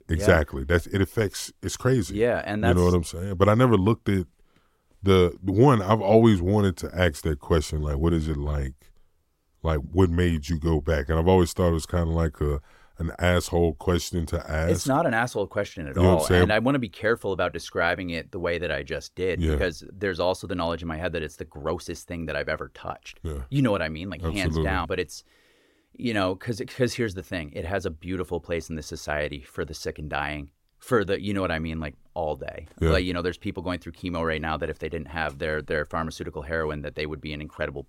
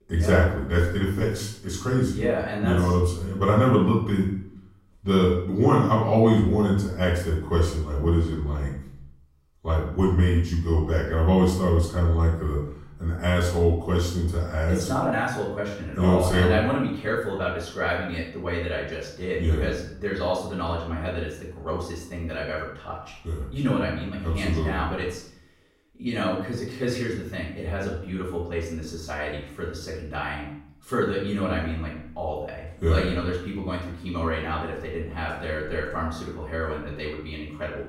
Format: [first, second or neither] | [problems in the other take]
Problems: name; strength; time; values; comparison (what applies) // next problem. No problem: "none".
first | off-mic speech; far // room echo; noticeable; dies away in 0.6 s